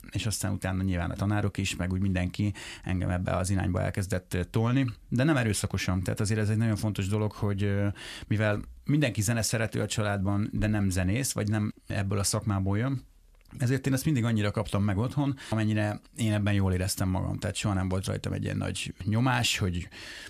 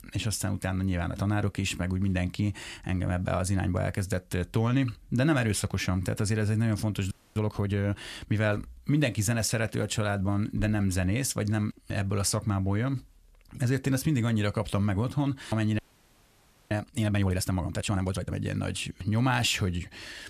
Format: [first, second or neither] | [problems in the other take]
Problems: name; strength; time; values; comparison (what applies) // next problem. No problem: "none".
first | audio freezing; at 7 s and at 16 s for 1 s